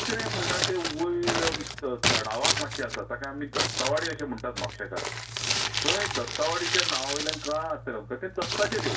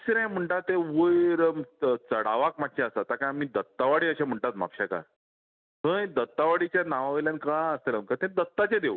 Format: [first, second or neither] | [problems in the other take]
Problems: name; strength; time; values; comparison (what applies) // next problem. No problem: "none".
second | background sound (Crumpling, crinkling); 2 dB above the speech // room echo; dies away in 0.2 s